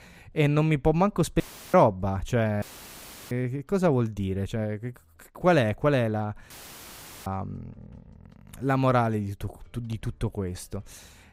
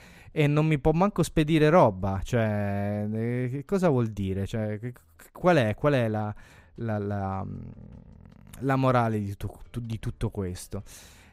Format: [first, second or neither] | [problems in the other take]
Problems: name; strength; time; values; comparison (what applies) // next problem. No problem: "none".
second | audio cutting out; filled with static; at 1.5 s, at 2.5 s for 0.5 s and at 6.5 s for 1 s